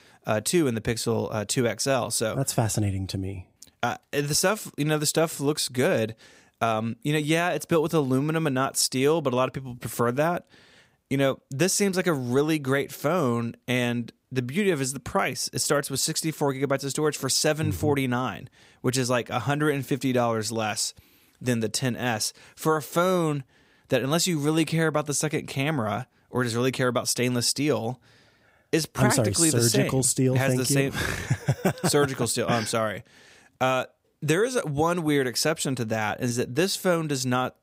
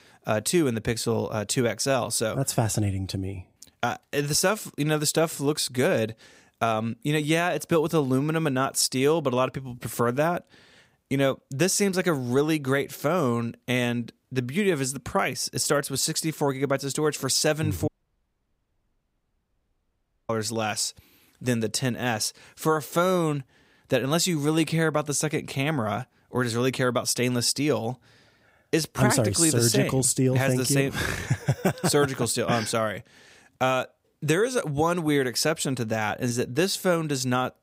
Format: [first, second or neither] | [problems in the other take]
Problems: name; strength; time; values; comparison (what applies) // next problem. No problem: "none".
first | audio cutting out; at 18 s for 2.5 s